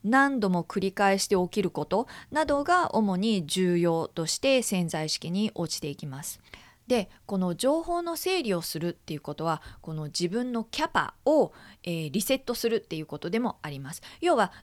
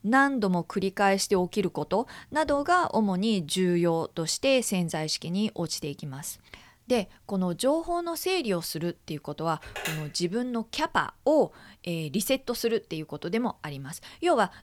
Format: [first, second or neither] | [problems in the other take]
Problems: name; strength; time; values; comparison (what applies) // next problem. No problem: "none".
first | phone ringing; noticeable; at 9.5 s; peak 6 dB below the speech